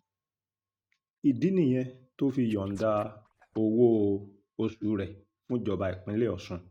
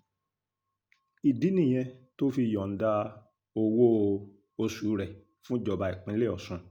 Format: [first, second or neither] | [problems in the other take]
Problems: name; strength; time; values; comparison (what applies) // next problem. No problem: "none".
second | noise reduction (neural mask model RNNoise)